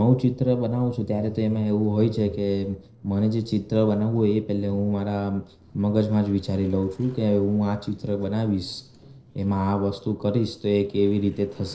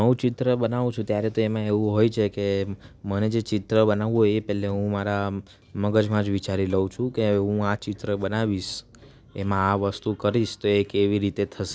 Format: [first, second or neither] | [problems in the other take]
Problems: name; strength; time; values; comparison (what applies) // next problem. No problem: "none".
second | noise reduction (neural separator model SepFormer DNS4)